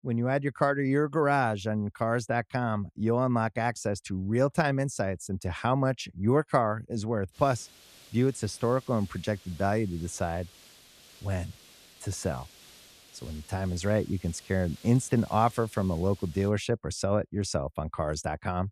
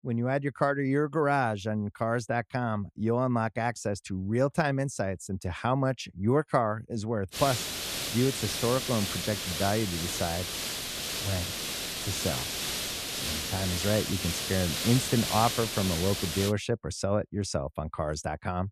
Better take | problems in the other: first | hiss; loud; from 7.5 to 16 s; 2 dB below the speech; faint in the first

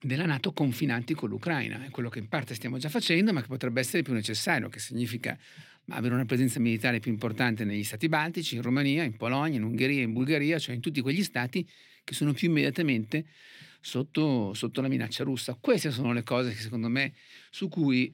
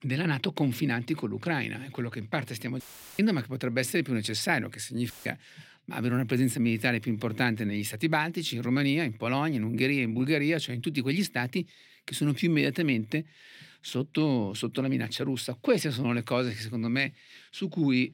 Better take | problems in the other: first | audio cutting out; filled with static; at 3 s and at 5 s

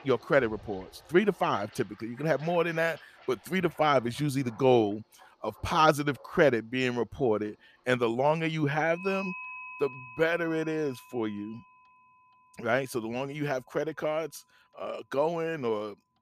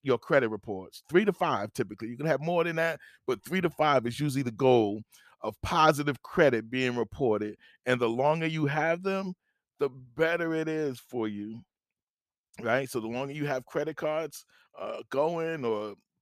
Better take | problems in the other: second | household noises; noticeable; throughout; 20 dB below the speech

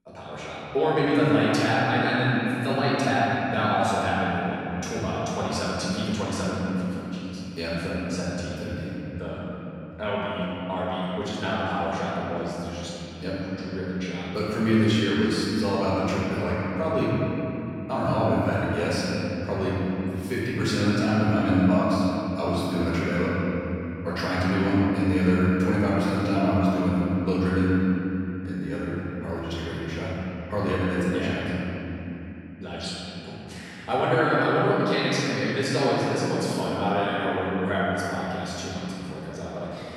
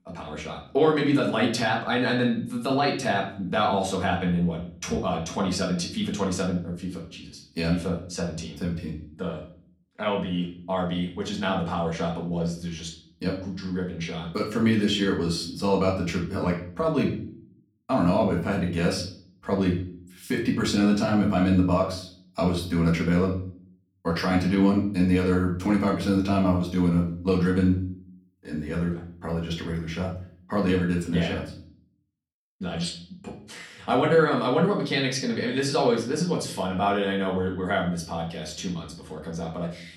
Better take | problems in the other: second | room echo; strong; dies away in 3 s; slight in the second // off-mic speech; far; far in the second

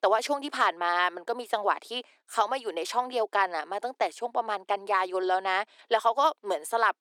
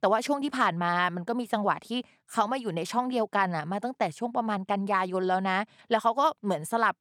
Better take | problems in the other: second | thin; very; fading below 350 Hz

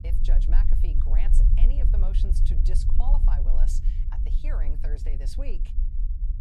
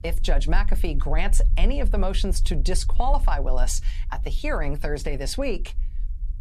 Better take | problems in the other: second | low rumble; loud; throughout; 3 dB below the speech; faint in the second

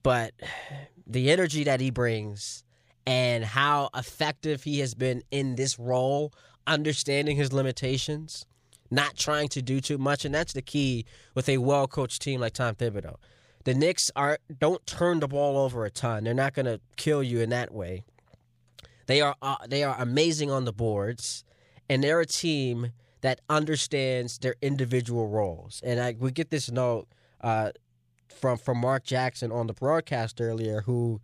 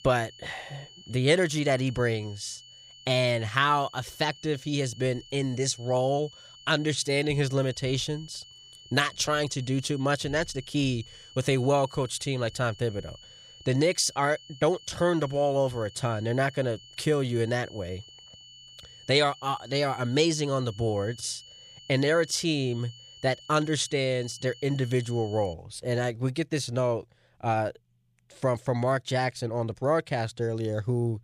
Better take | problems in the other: first | high-pitched whine; faint; until 26 s; 3 kHz, 20 dB below the speech

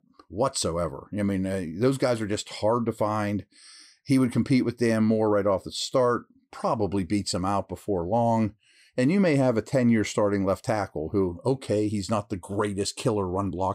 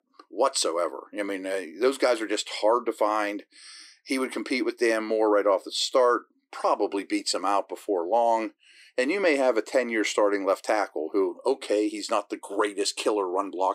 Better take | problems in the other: first | thin; somewhat; fading below 300 Hz

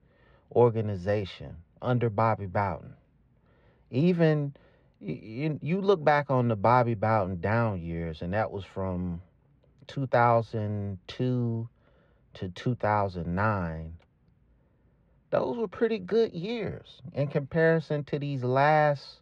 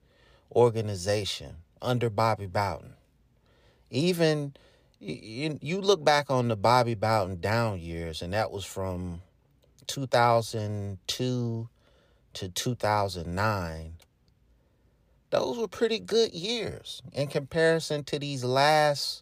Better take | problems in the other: second | muffled; very; fading above 2 kHz

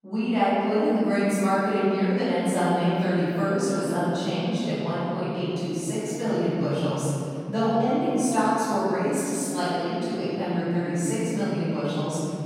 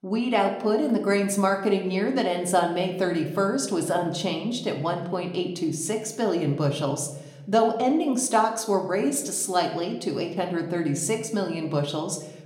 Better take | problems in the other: second | room echo; strong; dies away in 3 s; slight in the second // off-mic speech; far; somewhat distant in the second

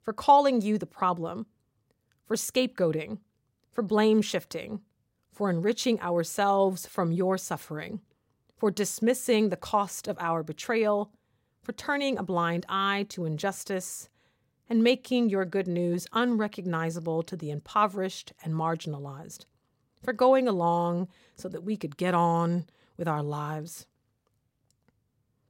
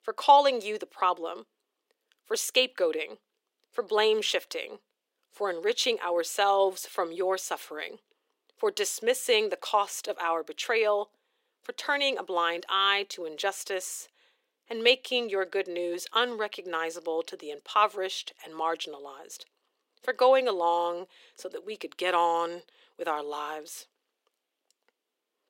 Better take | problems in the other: first | thin; very; fading below 350 Hz

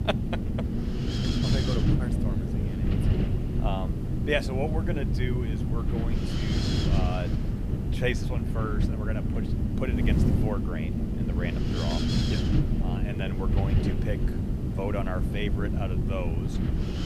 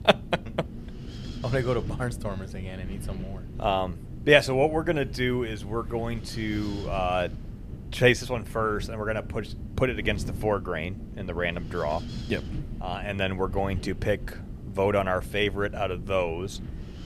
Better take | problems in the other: second | wind noise on the microphone; heavy; as loud as the speech; occasional gusts in the second

